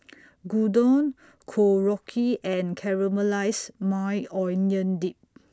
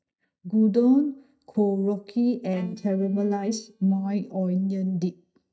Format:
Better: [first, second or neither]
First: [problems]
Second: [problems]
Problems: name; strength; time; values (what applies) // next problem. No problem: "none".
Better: first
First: none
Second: noise reduction (neural mask model DeepFilterNet 3)